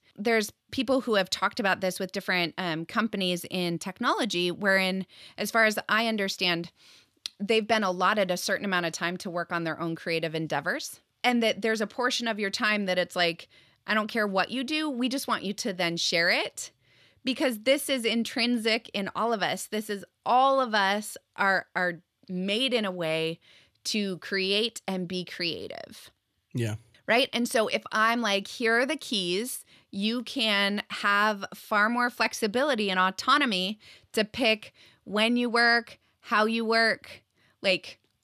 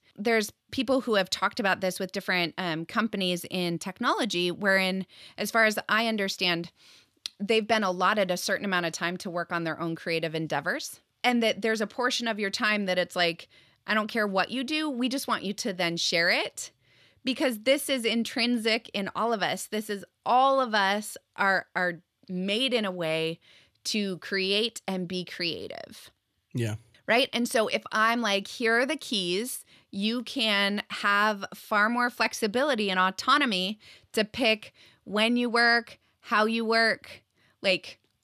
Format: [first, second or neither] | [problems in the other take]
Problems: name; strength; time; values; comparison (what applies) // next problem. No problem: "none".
neither | none